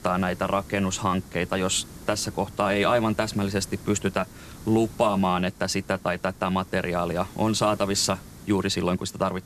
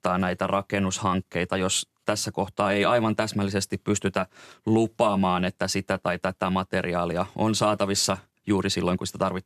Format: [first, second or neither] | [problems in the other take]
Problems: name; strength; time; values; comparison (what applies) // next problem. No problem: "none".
second | hiss; noticeable; throughout; 20 dB below the speech